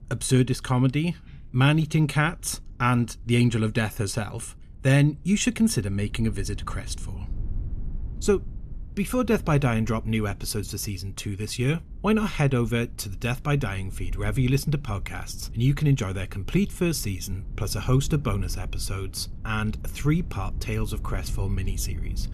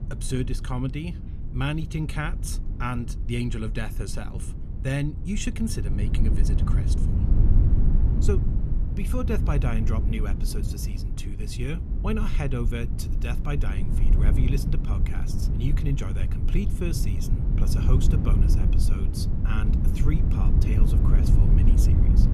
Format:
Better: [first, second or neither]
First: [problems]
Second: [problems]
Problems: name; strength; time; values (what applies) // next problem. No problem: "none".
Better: first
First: low rumble; faint; throughout; 25 dB below the speech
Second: low rumble; loud; throughout; 4 dB below the speech